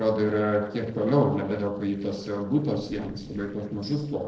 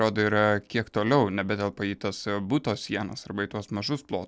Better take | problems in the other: second | noise reduction (neural separator model SepFormer DNS4)

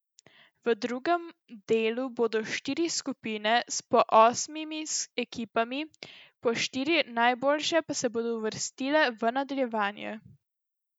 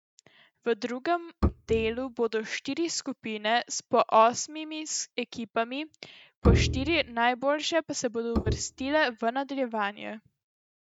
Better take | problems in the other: first | noise reduction (neural mask model RNNoise)

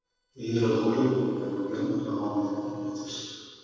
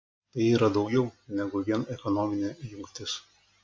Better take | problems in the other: second | noise reduction (neural separator model SepFormer DNS4)

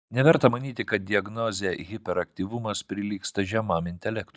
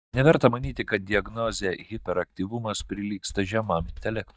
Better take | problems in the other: first | noise reduction (neural mask model DeepFilterNet 3)

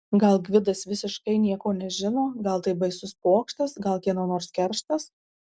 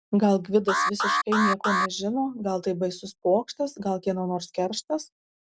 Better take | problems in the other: first | background sound (Alarm); as loud as the speech

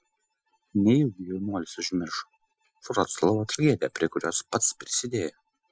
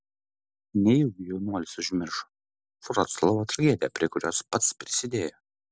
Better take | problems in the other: second | noise reduction (classical method Wiener filter)

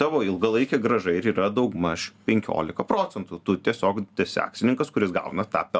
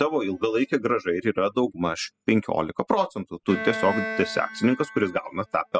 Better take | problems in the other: first | noise reduction (classical method spectral subtraction)

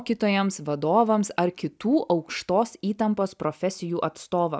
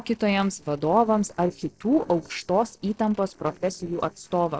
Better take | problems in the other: first | noise reduction (neural separator model SepFormer DNS4)

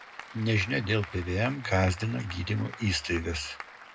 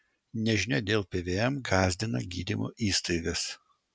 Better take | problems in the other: second | background sound (Applause / Crowd); 16 dB below the speech // room echo; dies away in 0.2 s

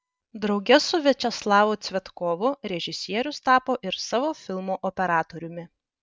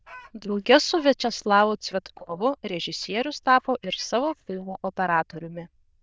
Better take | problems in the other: first | noise reduction (neural diffusion model UNIVERSE++)

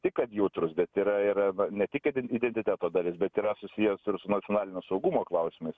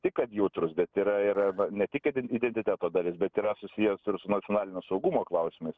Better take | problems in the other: first | noise reduction (neural separator model SepFormer DNS4)

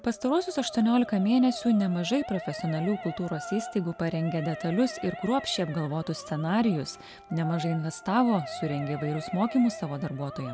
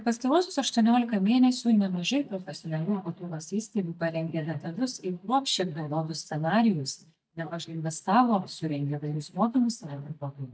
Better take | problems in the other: first | noise reduction (neural mask model DeepFilterNet 3)

